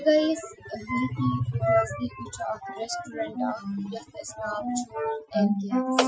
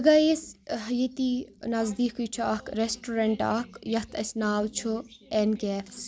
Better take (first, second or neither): second